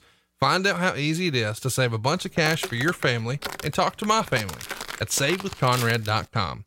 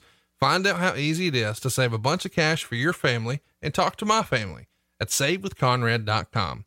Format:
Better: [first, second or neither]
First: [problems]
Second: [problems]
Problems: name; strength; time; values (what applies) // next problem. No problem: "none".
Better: second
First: footsteps; noticeable; from 2.5 s on; peak 7 dB below the speech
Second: none